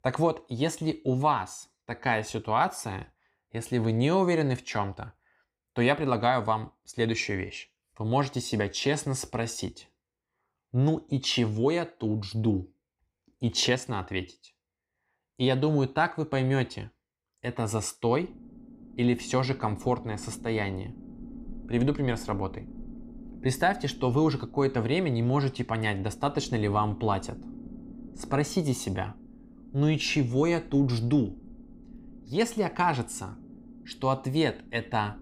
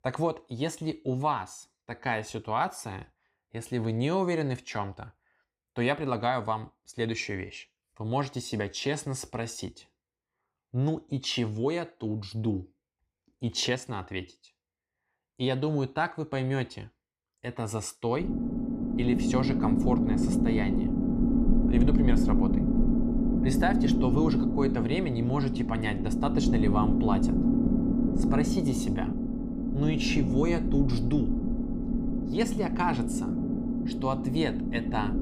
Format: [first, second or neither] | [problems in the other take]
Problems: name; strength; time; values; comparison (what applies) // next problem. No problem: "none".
first | low rumble; loud; from 18 s on; 1 dB below the speech; faint in the first